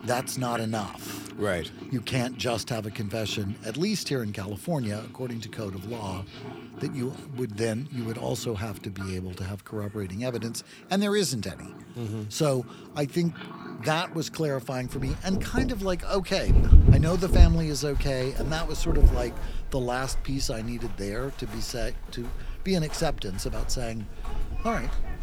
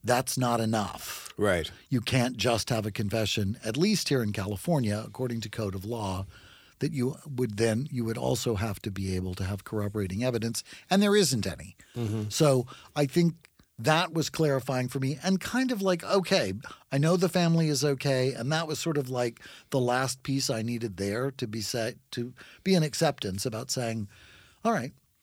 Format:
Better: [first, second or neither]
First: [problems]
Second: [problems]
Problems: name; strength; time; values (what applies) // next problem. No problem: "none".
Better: second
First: animal sounds; very loud; throughout; 1 dB above the speech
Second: none